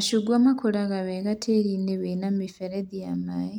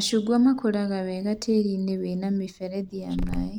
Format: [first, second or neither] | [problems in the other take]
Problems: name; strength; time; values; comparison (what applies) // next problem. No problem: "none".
first | background sound (Growling); 13 dB below the speech